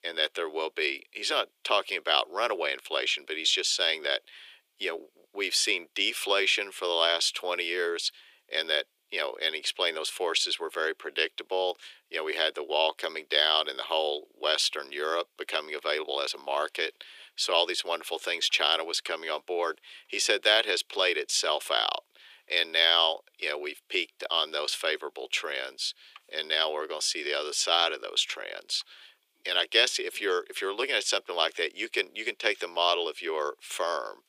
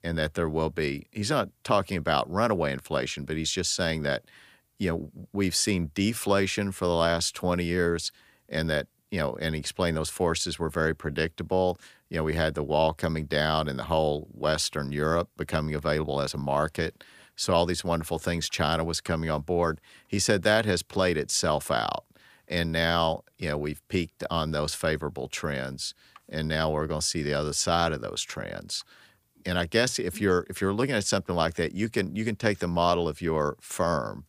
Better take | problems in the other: second | thin; very; fading below 350 Hz

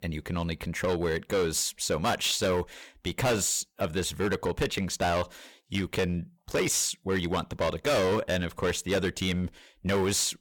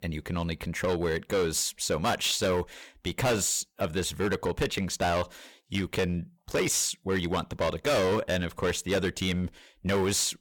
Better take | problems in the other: neither | distortion; heavy; 11% of the sound clipped; the same in both

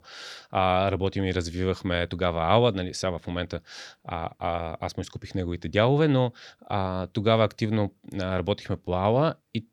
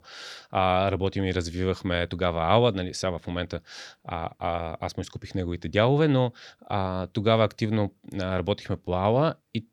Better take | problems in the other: neither | none

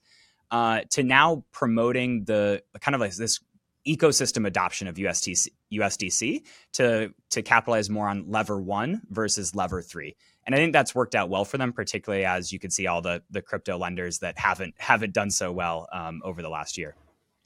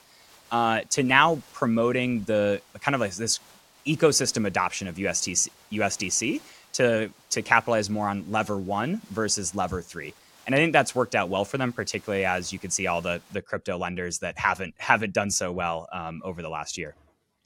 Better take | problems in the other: first | hiss; faint; until 13 s; 25 dB below the speech

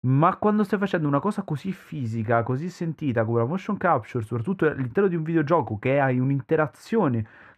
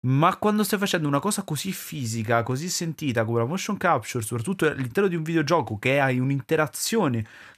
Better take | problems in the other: second | muffled; very; fading above 3 kHz

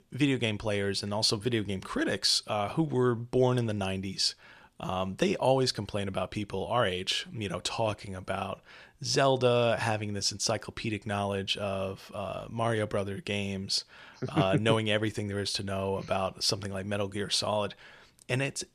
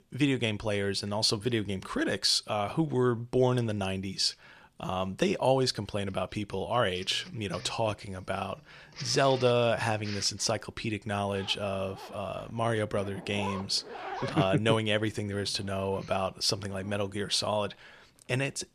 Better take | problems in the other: first | household noises; noticeable; throughout; 15 dB below the speech

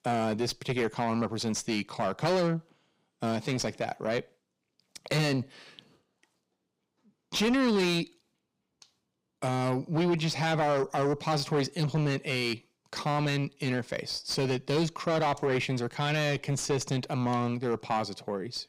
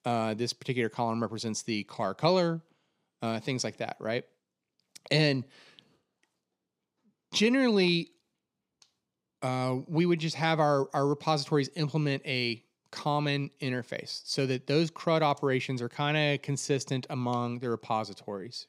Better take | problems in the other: second | distortion; heavy; 7 dB below the speech

